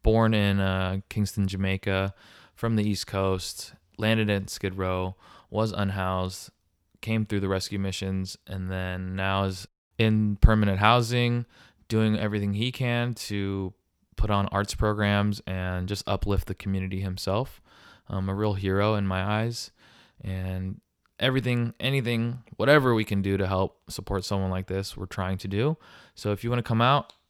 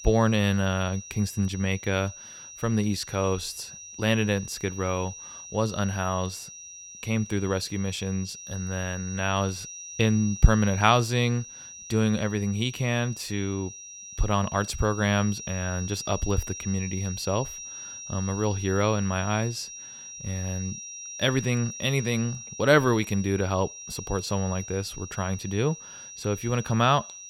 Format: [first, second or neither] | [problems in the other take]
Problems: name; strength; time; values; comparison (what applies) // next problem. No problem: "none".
first | high-pitched whine; noticeable; throughout; 5.5 kHz, 10 dB below the speech